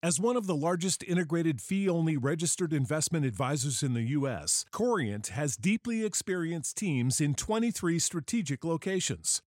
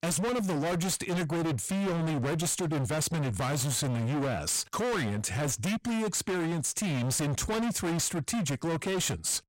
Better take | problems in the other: first | distortion; heavy; 48% of the sound clipped

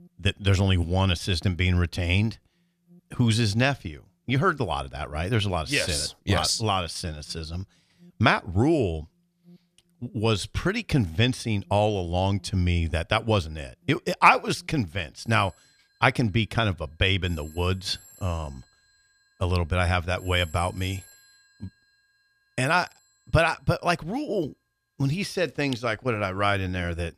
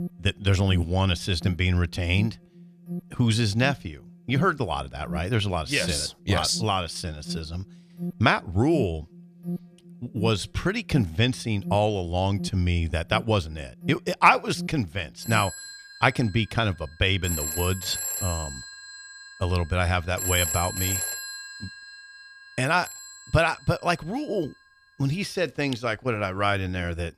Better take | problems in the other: first | alarms or sirens; loud; throughout; 9 dB below the speech; faint in the first

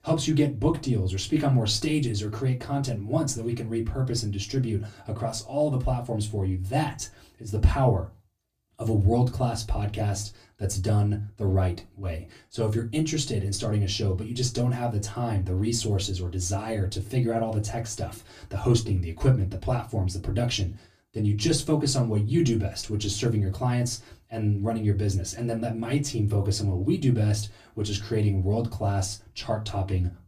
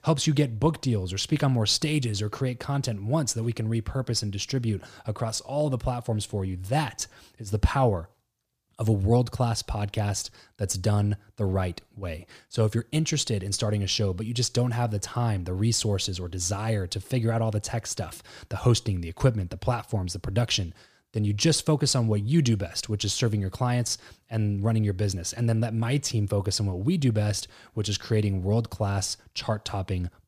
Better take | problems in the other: second | off-mic speech; far // room echo; very slight; dies away in 0.2 s

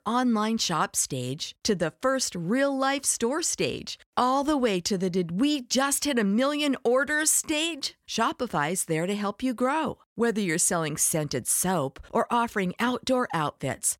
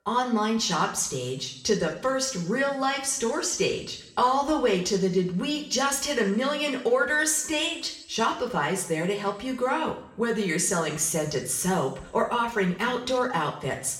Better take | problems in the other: first | room echo; slight; dies away in 0.7 s // off-mic speech; somewhat distant

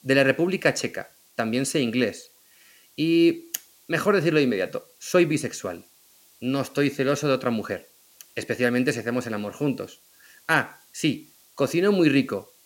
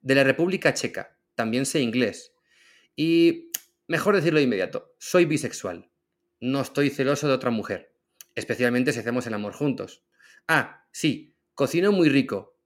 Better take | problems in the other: second | hiss; faint; throughout; 30 dB below the speech

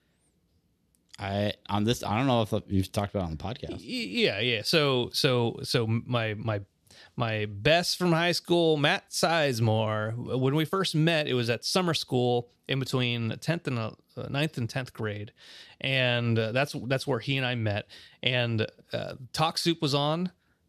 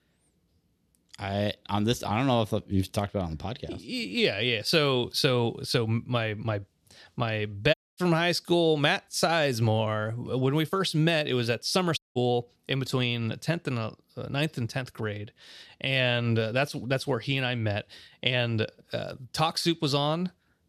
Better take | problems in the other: first | audio cutting out; at 7.5 s and at 12 s

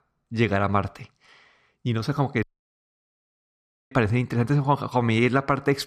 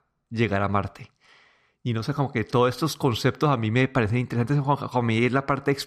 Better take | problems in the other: second | audio cutting out; at 2.5 s for 1.5 s

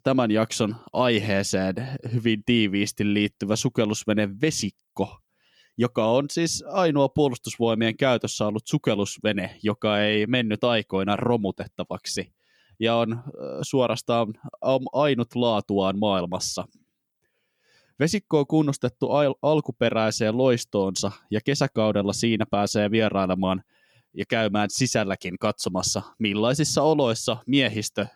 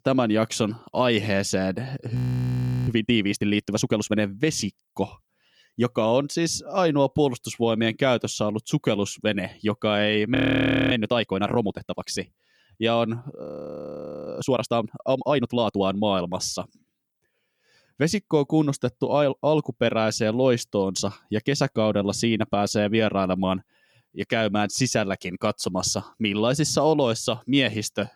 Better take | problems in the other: first | audio freezing; at 2 s for 0.5 s, at 10 s for 0.5 s and at 13 s for 1 s

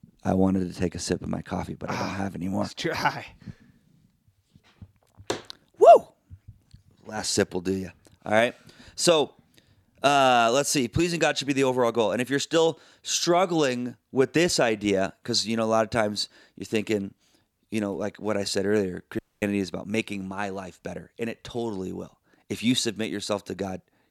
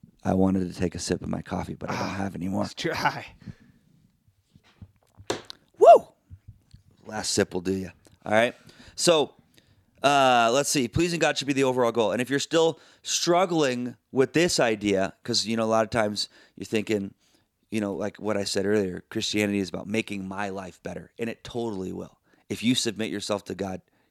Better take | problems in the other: second | audio cutting out; at 19 s

